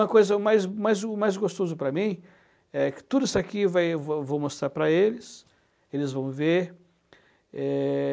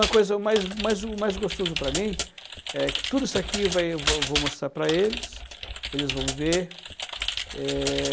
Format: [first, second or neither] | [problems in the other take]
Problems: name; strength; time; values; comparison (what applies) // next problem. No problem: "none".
first | background sound (Computer keyboard); 4 dB below the speech